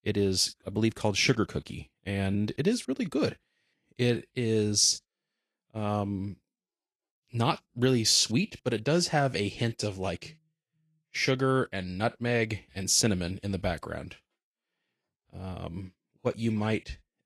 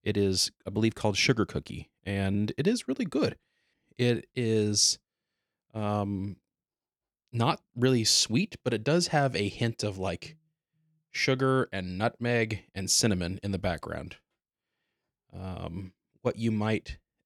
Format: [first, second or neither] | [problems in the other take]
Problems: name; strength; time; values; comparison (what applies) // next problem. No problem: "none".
second | garbled, watery; slightly; nothing above 11.5 kHz